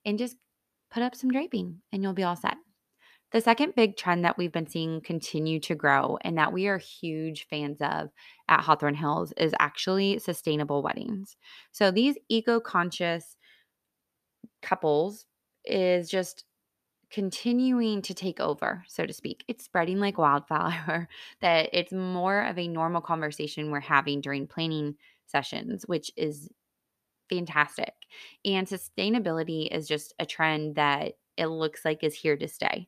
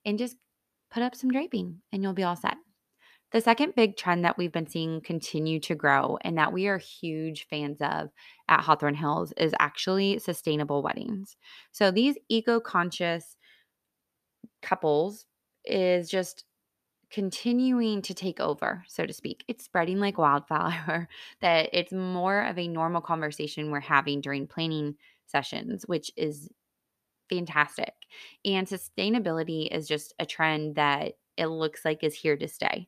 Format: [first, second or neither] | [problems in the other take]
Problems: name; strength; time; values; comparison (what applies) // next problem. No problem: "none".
neither | none